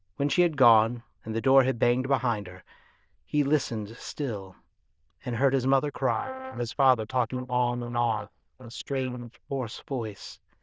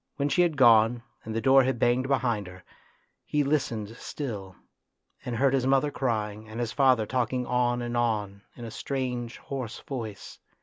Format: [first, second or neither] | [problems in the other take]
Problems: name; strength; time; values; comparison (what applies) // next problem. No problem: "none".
second | noise reduction (neural diffusion model UNIVERSE++)